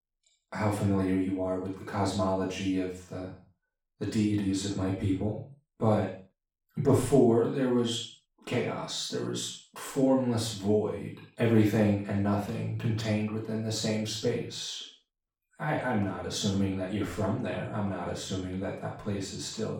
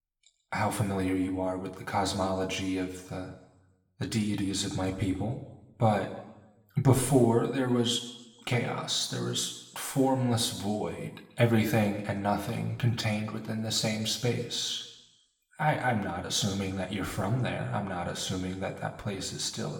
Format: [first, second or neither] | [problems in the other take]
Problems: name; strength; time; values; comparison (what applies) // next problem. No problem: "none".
second | room echo; strong; dies away in 0.4 s; slight in the second // off-mic speech; far; somewhat distant in the second